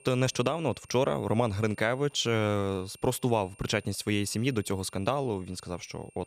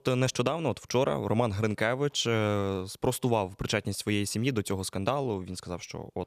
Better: second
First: high-pitched whine; faint; throughout; 2.5 kHz, 25 dB below the speech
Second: none

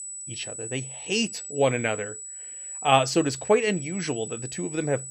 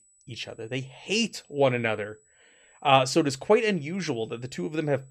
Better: second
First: high-pitched whine; loud; throughout; 8 kHz, 9 dB below the speech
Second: high-pitched whine; faint; throughout; 8 kHz, 35 dB below the speech

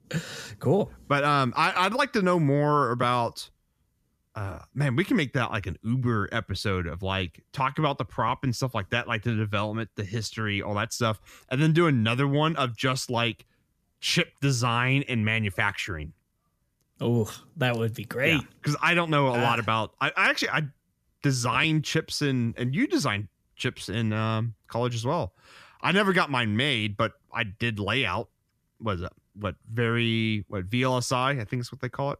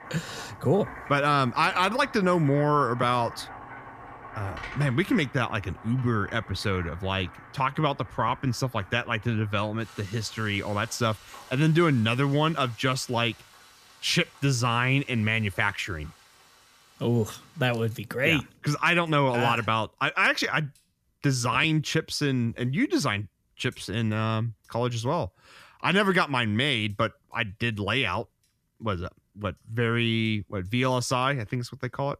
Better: first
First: none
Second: household noises; noticeable; throughout; 20 dB below the speech

